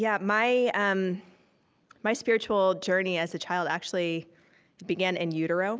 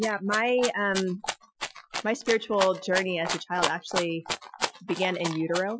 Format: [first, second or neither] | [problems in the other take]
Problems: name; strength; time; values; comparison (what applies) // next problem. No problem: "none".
first | noise reduction (classical method Wiener filter)